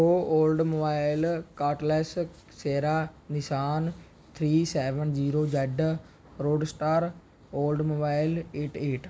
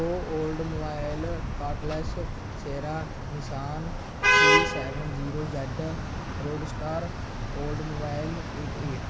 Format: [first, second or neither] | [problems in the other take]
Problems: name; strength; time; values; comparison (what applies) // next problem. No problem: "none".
first | background sound (Traffic noise, roadway noise / Vehicle horn, car horn, honking); 5 dB above the speech